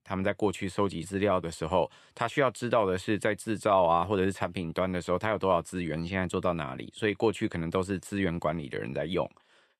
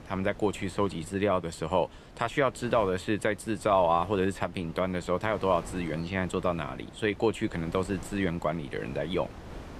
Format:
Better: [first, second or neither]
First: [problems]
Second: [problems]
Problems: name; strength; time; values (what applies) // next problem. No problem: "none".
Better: first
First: none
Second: wind noise on the microphone; occasional gusts; 20 dB below the speech